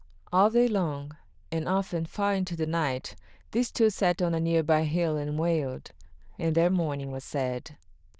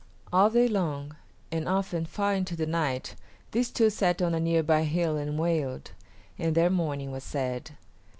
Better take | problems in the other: second | noise reduction (neural diffusion model UNIVERSE++)

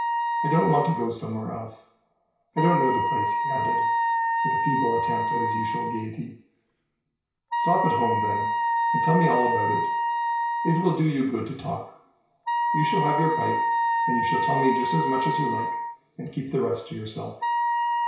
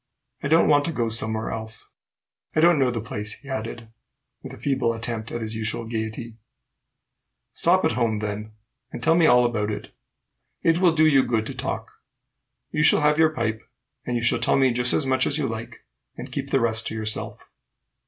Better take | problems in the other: second | background sound (Wind instrument, woodwind instrument); 2 dB above the speech // room echo; dies away in 0.6 s

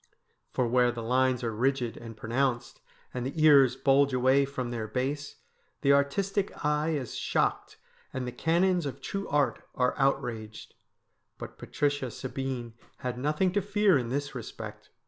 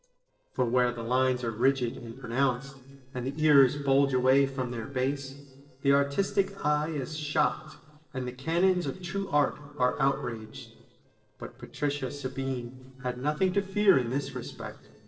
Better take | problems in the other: first | noise reduction (neural separator model SepFormer DNS4)

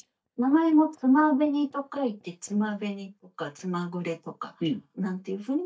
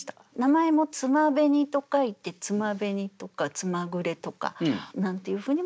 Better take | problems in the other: second | noise reduction (neural mask model DeepFilterNet 3)

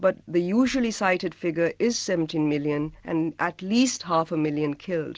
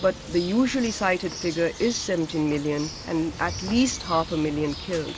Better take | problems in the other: first | background sound (Bird); 12 dB below the speech

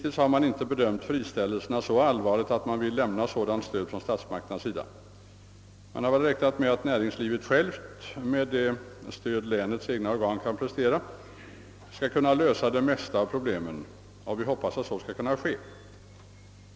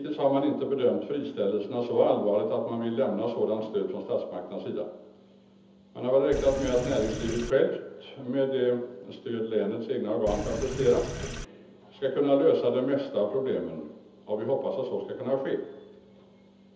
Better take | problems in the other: first | background sound (Sink (filling or washing)); 7 dB below the speech // room echo; dies away in 0.7 s

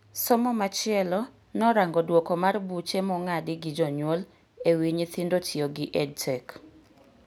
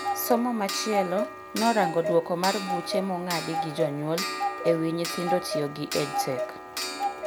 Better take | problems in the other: first | background sound (Clock); 3 dB below the speech

